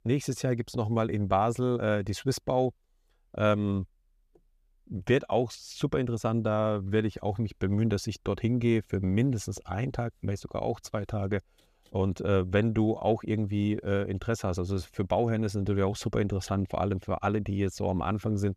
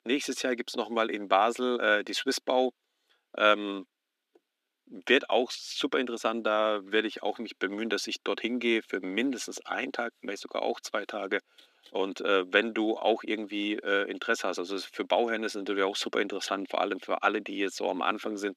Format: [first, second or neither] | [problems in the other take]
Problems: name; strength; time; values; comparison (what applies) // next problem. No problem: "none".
first | thin; somewhat; fading below 250 Hz